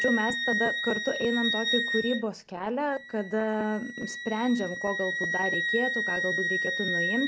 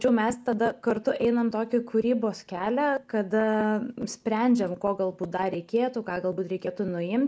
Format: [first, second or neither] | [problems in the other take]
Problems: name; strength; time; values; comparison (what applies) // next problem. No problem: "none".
second | background sound (Wind instrument, woodwind instrument); 1 dB below the speech